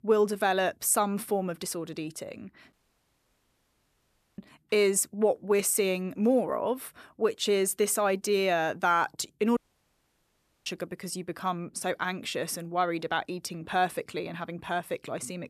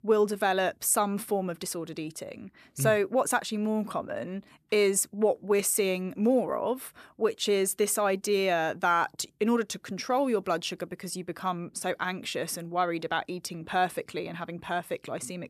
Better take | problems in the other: second | audio cutting out; at 2.5 s for 1.5 s and at 9.5 s for 1 s

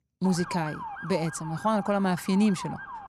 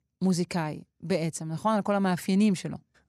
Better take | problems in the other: second | siren; noticeable; peak 8 dB below the speech

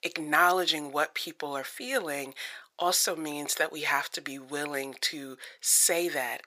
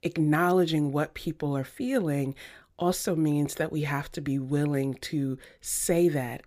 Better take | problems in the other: second | thin; very; fading below 800 Hz

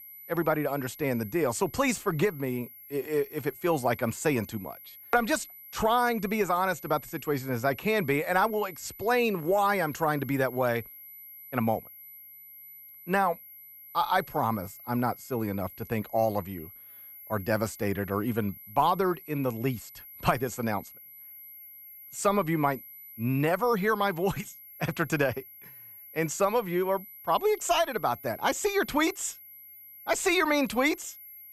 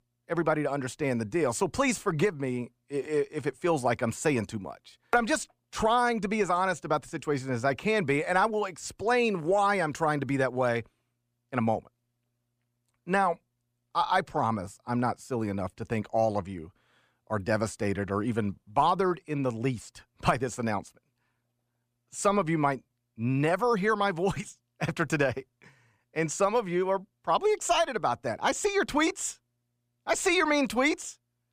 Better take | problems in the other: second | high-pitched whine; noticeable; throughout; 12 kHz, 15 dB below the speech

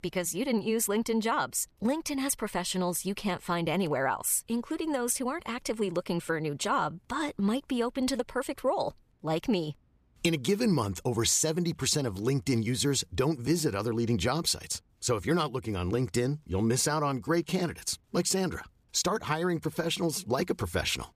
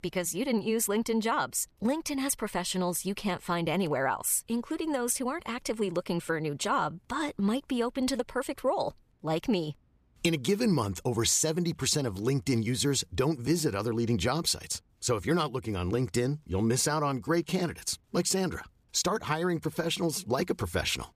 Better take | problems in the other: neither | none

